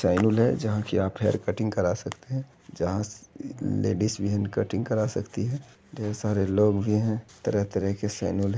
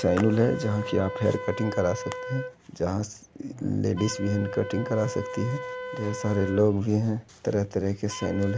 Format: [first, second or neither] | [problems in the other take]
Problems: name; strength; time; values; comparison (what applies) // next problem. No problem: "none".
first | background sound (Wind instrument, woodwind instrument); 10 dB below the speech